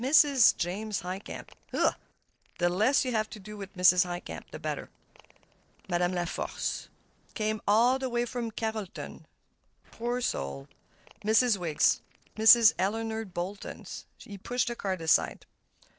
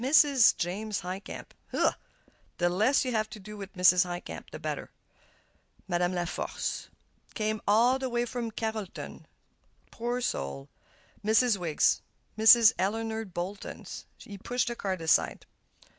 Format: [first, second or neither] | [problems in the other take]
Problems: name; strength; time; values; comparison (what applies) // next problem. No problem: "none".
second | noise reduction (neural separator model SepFormer DNS4)